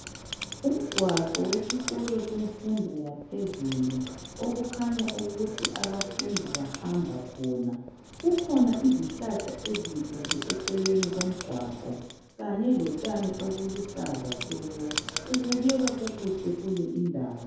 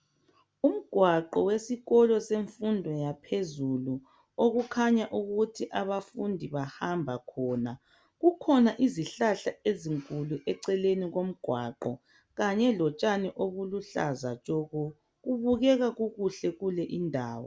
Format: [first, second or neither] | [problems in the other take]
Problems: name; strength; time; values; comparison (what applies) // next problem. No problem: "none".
second | background sound (Writing); 8 dB below the speech // room echo; dies away in 0.8 s